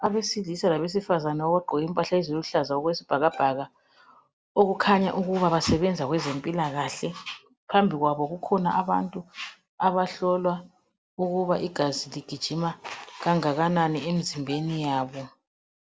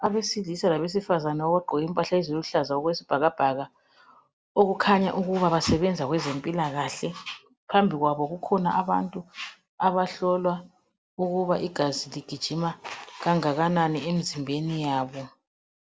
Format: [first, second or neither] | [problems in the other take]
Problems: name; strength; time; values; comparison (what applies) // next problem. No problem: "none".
second | background sound (Bowed string instrument); 18 dB below the speech